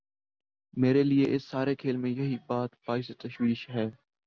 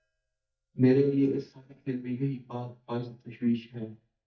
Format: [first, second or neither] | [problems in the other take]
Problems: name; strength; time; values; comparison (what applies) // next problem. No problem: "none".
first | noise reduction (neural mask model DeepFilterNet 3)